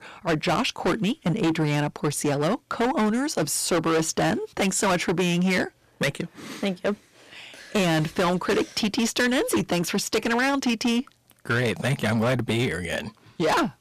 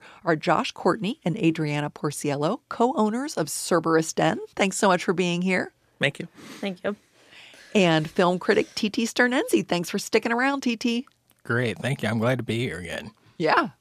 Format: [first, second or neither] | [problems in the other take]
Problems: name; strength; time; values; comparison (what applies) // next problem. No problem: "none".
second | distortion; heavy; 16% of the sound clipped